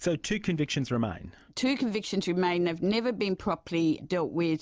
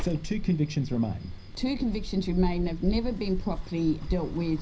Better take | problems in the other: first | background sound (Sliding door); 5 dB below the speech // room echo; dies away in 0.4 s

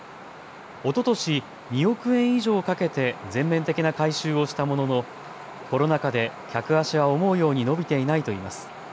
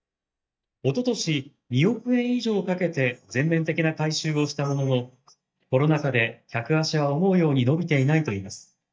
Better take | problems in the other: first | noise reduction (neural mask model DeepFilterNet 3)

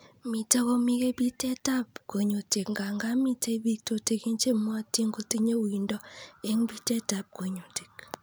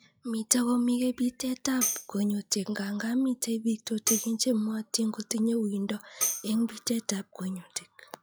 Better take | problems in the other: first | noise reduction (classical method log-MMSE)

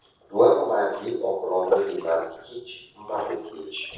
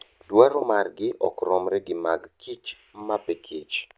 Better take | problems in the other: second | noise reduction (neural separator model SepFormer DNS4)

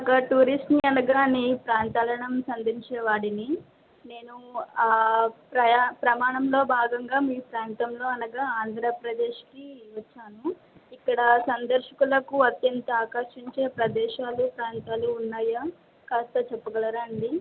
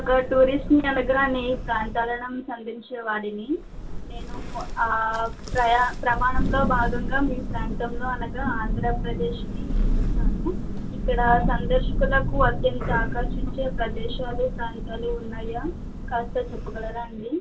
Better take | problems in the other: first | background sound (Thunder); 1 dB below the speech // room echo; dies away in 0.1 s

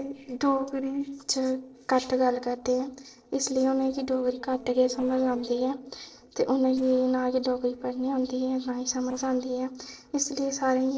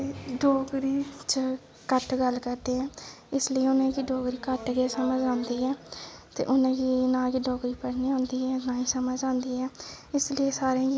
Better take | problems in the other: second | noise reduction (neural separator model SepFormer DNS4)

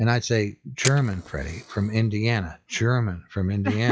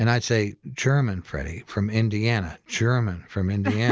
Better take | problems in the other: second | noise reduction (classical method log-MMSE)

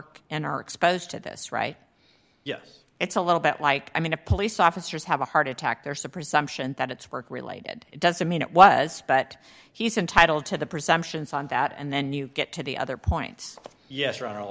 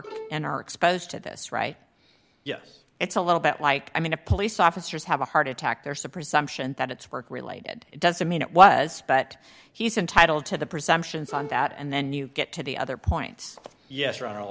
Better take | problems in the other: first | background sound (Bowed string instrument); 16 dB below the speech

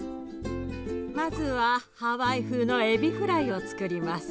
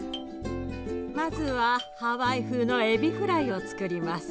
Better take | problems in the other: first | background sound (Doorbell); 19 dB below the speech

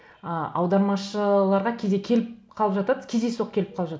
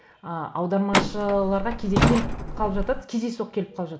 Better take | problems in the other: first | background sound (Truck); 2 dB above the speech

